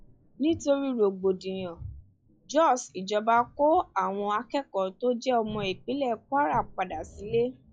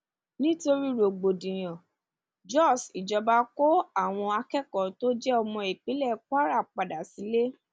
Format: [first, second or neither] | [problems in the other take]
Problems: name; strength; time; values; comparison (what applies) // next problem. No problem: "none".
second | noise reduction (classical method log-MMSE)